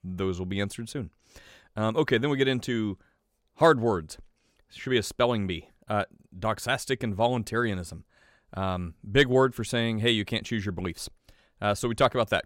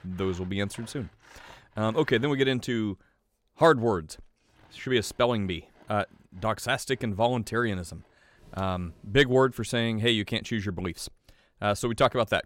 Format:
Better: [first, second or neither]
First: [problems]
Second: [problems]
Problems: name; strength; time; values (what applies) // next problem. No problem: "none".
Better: first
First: none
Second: machinery noise; faint; throughout; 30 dB below the speech